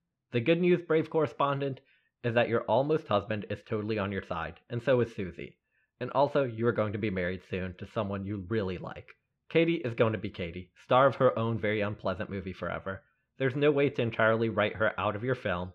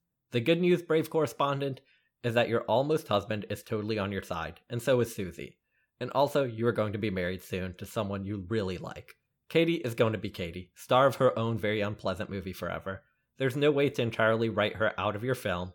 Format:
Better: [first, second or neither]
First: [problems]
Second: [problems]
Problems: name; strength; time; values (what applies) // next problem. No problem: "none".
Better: second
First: muffled; slightly; fading above 2.5 kHz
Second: none